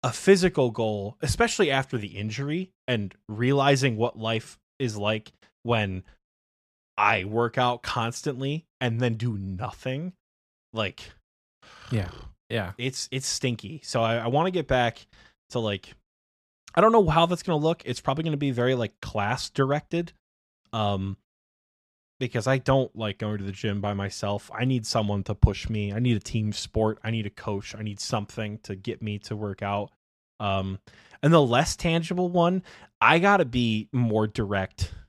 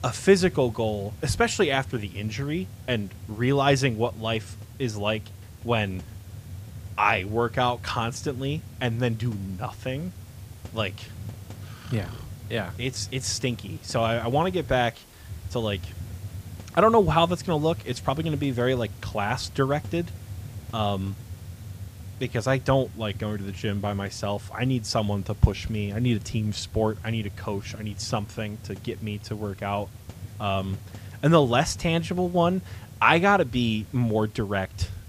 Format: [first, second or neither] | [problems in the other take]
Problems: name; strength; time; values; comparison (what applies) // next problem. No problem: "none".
first | hiss; noticeable; throughout; 15 dB below the speech